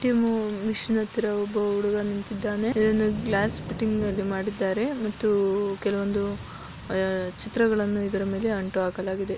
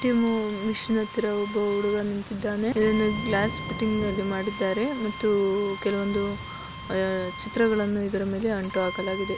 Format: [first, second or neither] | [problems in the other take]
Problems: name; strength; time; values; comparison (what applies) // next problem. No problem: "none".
first | background sound (Bowed string instrument); 13 dB below the speech